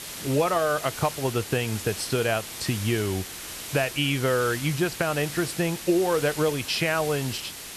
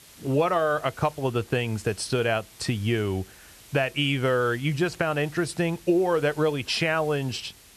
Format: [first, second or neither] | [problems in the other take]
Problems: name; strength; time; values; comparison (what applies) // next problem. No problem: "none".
second | hiss; loud; throughout; 9 dB below the speech; faint in the second